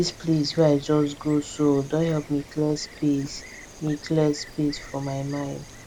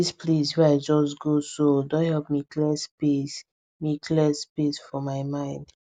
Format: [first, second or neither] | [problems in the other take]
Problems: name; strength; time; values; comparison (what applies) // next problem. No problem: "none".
second | background sound (Bird + Insect); 18 dB below the speech